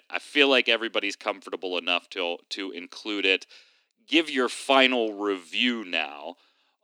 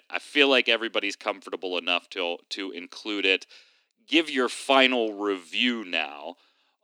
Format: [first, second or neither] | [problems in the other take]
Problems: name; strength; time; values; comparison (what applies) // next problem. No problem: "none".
neither | thin; somewhat; fading below 250 Hz; the same in both